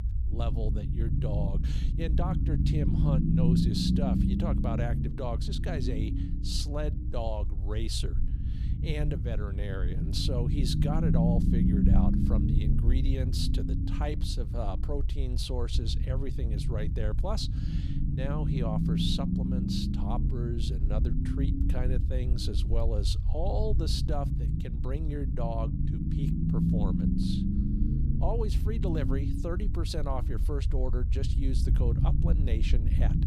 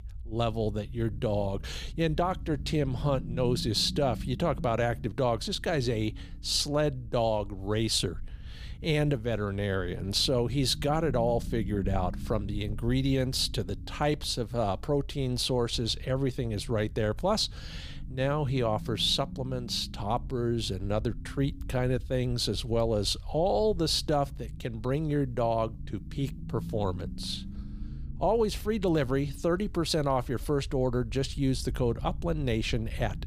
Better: second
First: low rumble; loud; throughout; 2 dB below the speech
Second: low rumble; faint; throughout; 25 dB below the speech

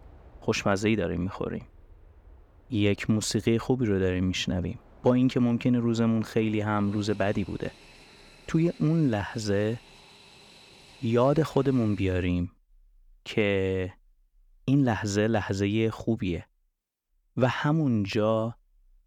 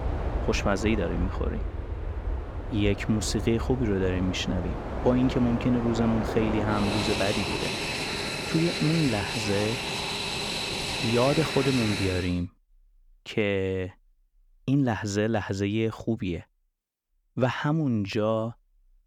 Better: first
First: train or aircraft noise; faint; until 12 s; 25 dB below the speech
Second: train or aircraft noise; loud; until 12 s; 3 dB below the speech

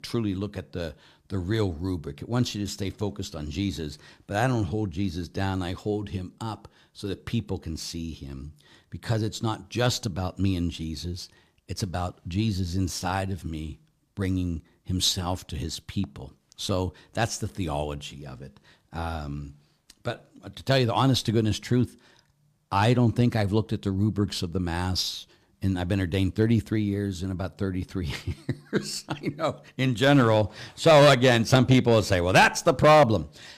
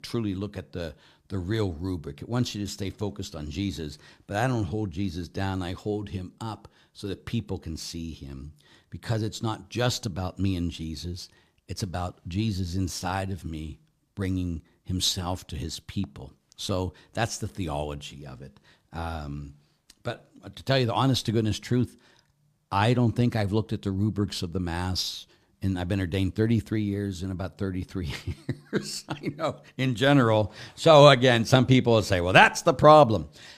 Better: second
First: distortion; slight; 0.8% of the sound clipped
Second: none

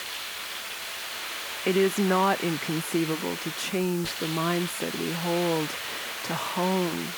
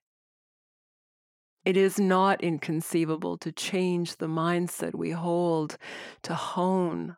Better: second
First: hiss; loud; throughout; 5 dB below the speech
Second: none

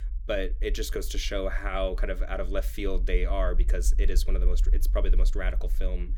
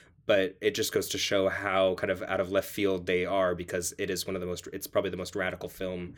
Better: second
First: low rumble; faint; throughout; 20 dB below the speech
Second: none

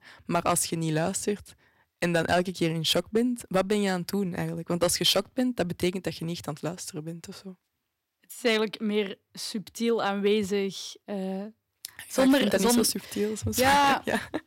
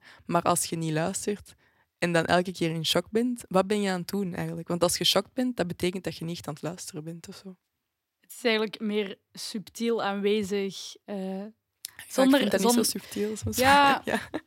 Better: second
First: distortion; slight; 1.9% of the sound clipped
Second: none

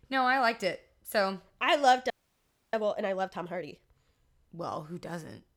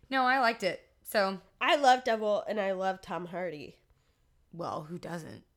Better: second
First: audio freezing; at 2 s for 0.5 s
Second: none

